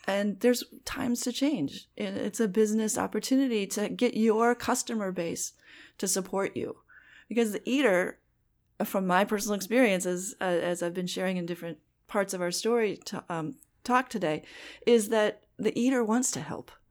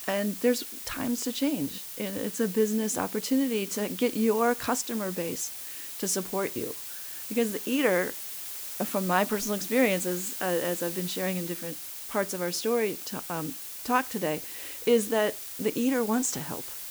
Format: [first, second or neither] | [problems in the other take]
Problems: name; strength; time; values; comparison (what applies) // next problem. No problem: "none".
first | hiss; loud; throughout; 7 dB below the speech